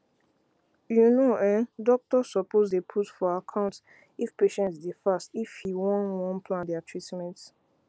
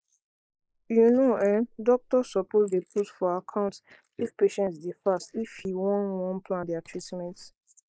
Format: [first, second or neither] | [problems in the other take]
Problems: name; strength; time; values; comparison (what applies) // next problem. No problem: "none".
first | noise reduction (neural mask model Resemble Enhance denoiser)